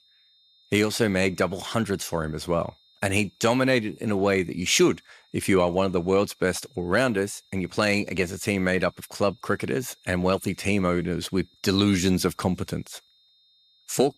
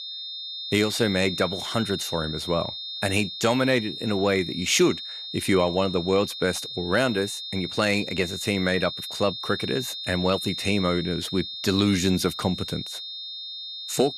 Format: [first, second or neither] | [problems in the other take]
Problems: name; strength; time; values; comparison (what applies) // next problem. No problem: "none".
first | high-pitched whine; loud; throughout; 3.5 kHz, 7 dB below the speech; faint in the first